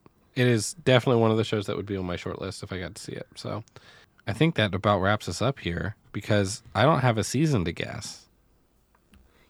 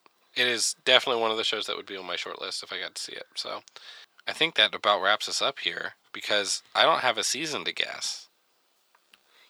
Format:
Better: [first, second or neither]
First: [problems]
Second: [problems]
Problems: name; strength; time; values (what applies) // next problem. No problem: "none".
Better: first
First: none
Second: thin; very; fading below 600 Hz